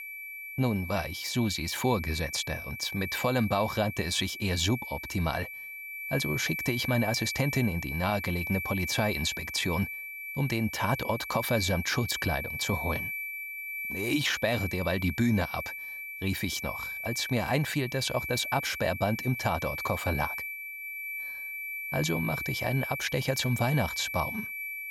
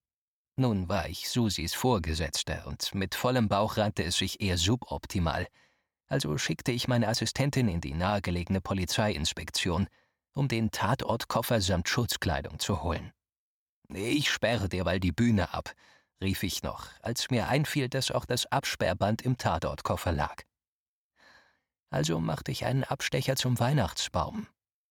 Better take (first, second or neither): second